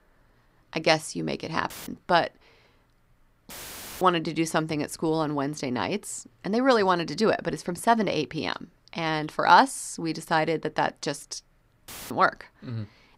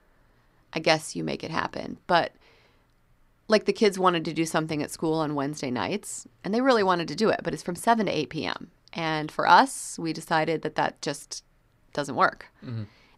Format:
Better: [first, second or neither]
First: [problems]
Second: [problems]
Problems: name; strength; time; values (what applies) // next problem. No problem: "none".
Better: second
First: audio cutting out; filled with static; at 1.5 s, at 3.5 s for 0.5 s and at 12 s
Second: none